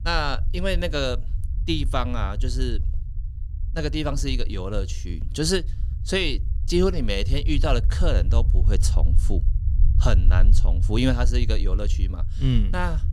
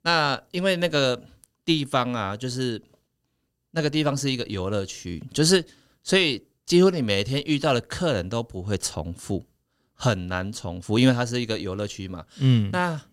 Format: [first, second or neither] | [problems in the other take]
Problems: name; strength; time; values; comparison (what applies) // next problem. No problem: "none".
second | low rumble; noticeable; throughout; 15 dB below the speech